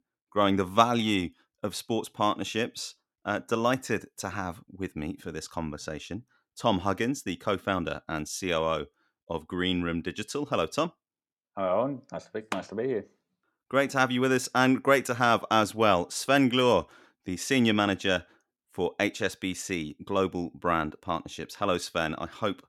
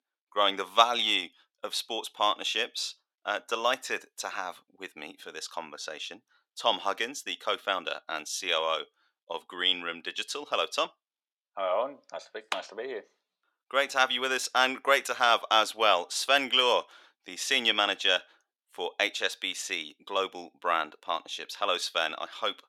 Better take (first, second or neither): first